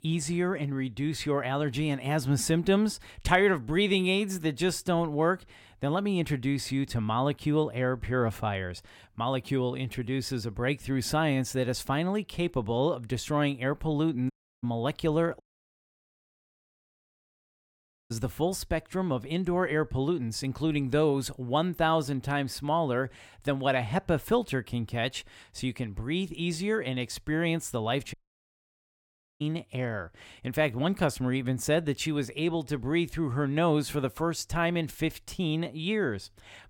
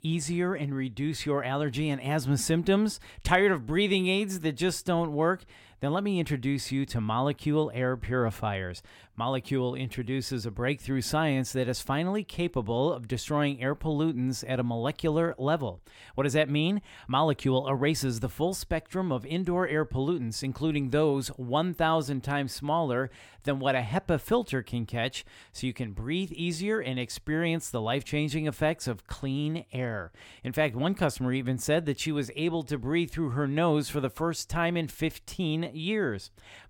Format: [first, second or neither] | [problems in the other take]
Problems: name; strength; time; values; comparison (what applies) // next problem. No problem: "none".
second | audio cutting out; at 14 s, at 15 s for 2.5 s and at 28 s for 1.5 s